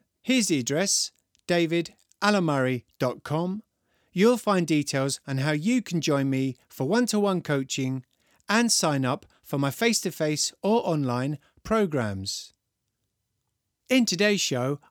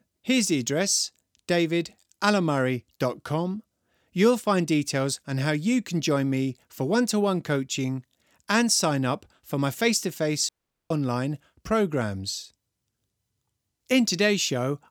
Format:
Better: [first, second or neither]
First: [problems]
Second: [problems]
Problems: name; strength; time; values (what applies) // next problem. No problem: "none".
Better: first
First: none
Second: audio cutting out; at 10 s